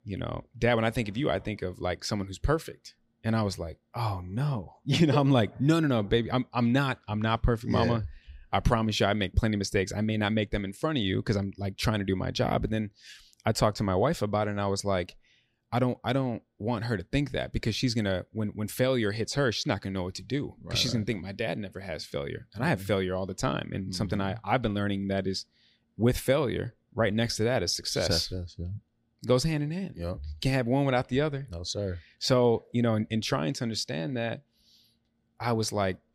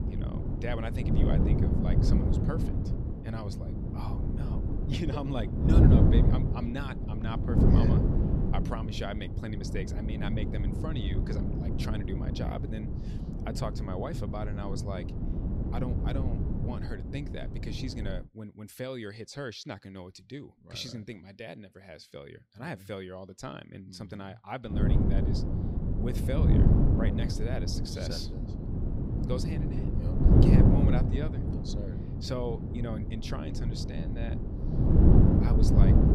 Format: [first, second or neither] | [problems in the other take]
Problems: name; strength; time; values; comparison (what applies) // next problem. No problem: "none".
first | wind noise on the microphone; heavy; until 18 s and from 25 s on; 3 dB above the speech